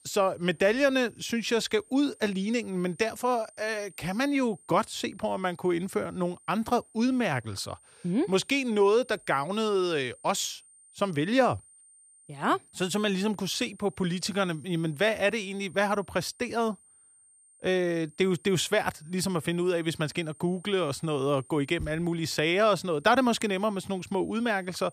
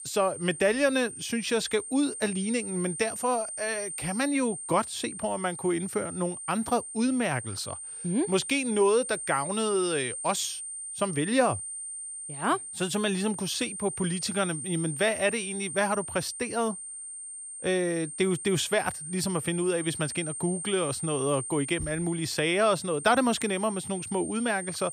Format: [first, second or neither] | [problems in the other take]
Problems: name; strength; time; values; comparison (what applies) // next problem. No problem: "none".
first | high-pitched whine; loud; throughout; 8.5 kHz, 7 dB below the speech; faint in the first